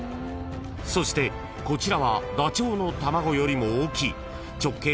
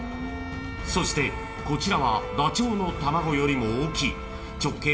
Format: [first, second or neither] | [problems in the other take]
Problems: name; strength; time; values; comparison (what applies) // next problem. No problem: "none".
first | background sound (Bowed string instrument); 15 dB below the speech // room echo; dies away in 1.3 s